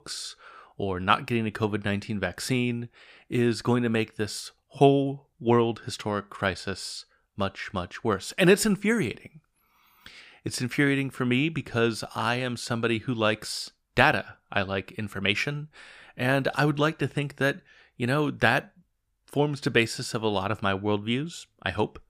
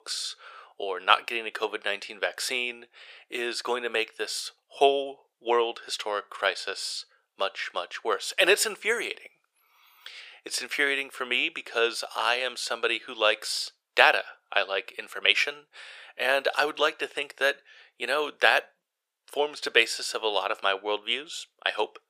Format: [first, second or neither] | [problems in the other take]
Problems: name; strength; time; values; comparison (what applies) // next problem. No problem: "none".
first | thin; very; fading below 500 Hz